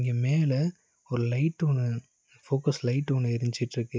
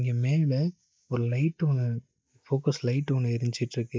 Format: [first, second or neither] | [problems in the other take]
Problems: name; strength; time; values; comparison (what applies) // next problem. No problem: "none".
first | noise reduction (neural mask model Resemble Enhance denoiser)